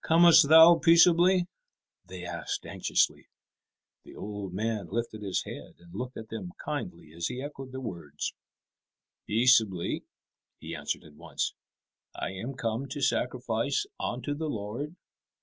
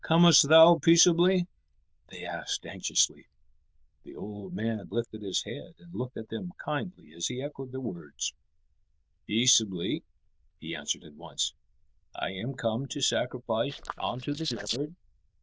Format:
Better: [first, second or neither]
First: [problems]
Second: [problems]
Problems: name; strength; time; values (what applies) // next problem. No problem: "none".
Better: first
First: none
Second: noise reduction (neural diffusion model UNIVERSE++)